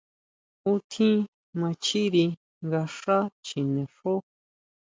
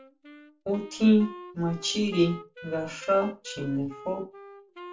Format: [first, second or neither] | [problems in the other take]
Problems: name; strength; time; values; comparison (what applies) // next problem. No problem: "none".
first | background sound (Wind instrument, woodwind instrument); 17 dB below the speech // room echo; dies away in 0.2 s